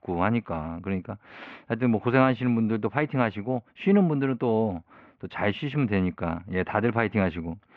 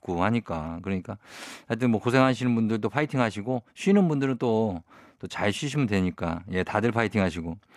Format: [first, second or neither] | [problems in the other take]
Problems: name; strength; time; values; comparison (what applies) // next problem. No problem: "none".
second | muffled; very; fading above 3 kHz